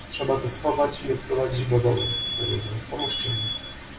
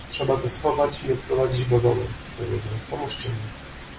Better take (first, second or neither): second